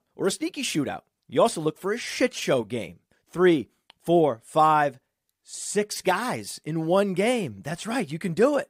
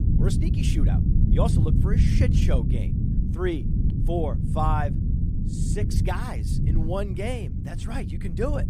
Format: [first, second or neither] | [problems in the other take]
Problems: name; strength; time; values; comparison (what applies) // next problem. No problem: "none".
first | low rumble; loud; throughout; 5 dB below the speech